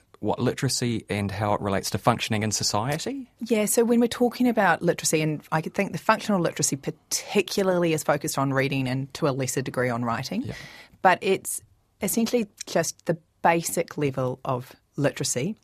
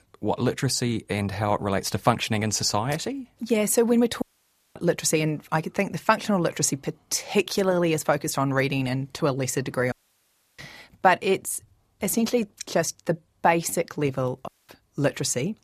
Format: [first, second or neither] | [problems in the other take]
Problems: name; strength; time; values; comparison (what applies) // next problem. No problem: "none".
first | audio cutting out; at 4 s for 0.5 s, at 10 s for 0.5 s and at 14 s